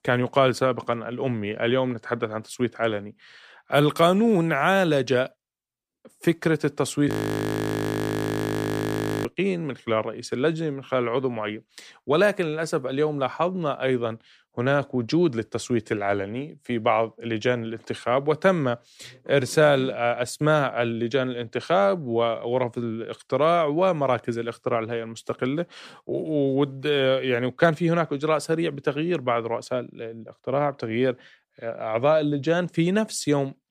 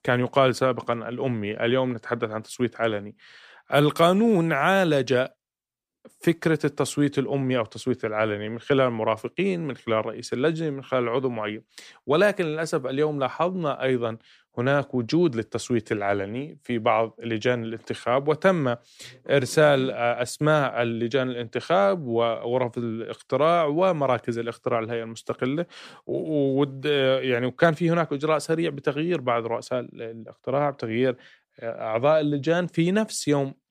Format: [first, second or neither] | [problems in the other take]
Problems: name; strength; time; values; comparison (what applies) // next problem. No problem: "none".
second | audio freezing; at 7 s for 2 s